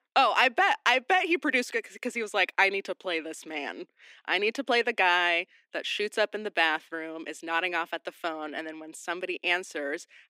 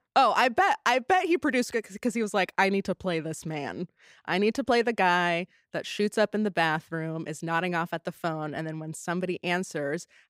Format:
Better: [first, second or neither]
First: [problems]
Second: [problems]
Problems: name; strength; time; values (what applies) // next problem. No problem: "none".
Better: second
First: thin; somewhat; fading below 250 Hz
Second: none